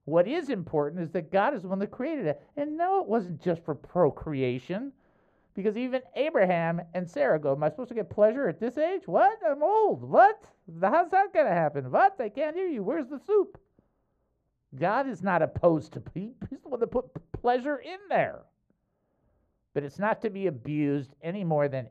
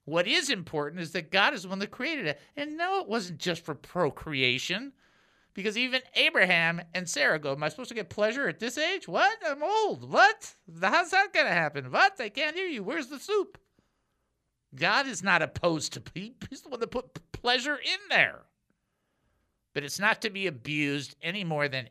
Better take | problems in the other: second | muffled; very; fading above 2 kHz

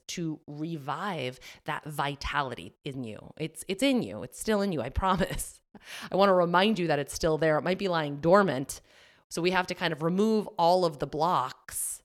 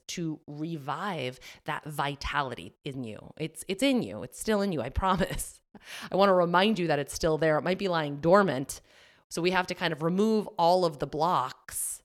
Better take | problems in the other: neither | none

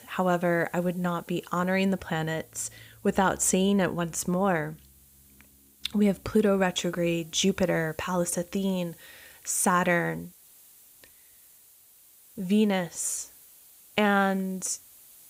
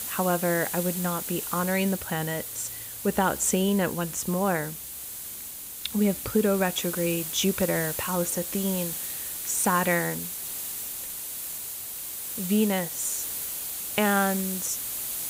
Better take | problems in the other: first | hiss; loud; throughout; 4 dB below the speech; faint in the first

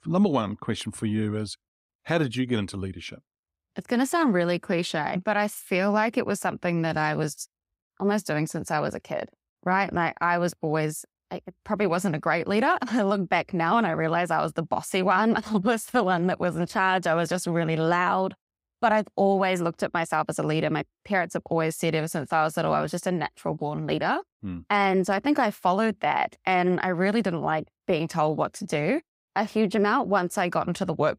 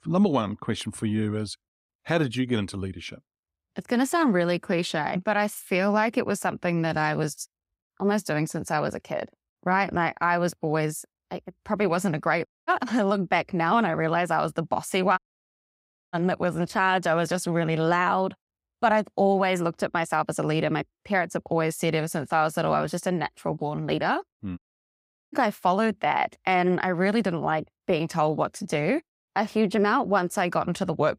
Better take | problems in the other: first | audio cutting out; at 12 s, at 15 s for 1 s and at 25 s for 0.5 s

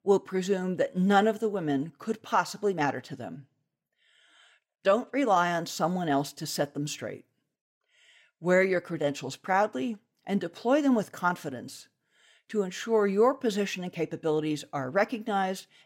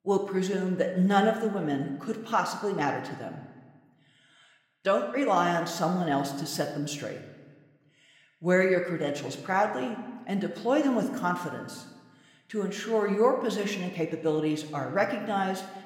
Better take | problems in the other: first | room echo; slight; dies away in 1 s

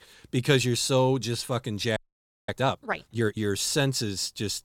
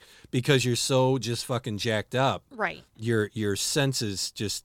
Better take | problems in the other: second | audio freezing; at 2 s for 0.5 s

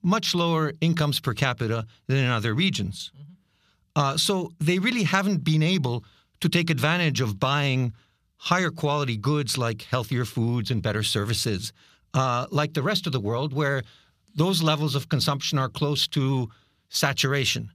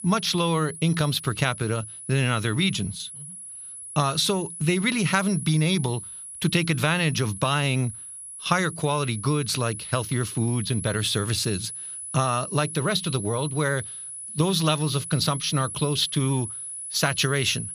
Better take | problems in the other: first | high-pitched whine; loud; throughout; 10 kHz, 10 dB below the speech

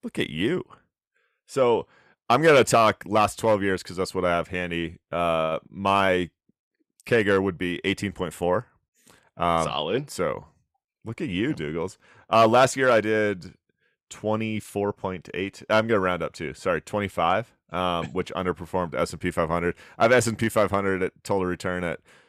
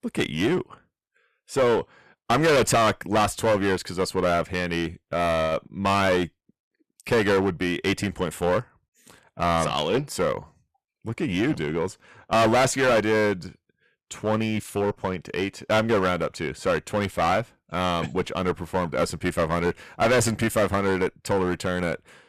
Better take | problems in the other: first | distortion; heavy; 9% of the sound clipped

